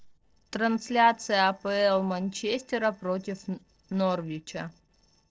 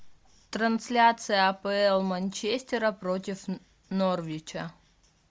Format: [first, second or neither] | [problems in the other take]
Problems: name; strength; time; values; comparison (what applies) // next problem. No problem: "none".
second | noise reduction (neural separator model SepFormer DNS4)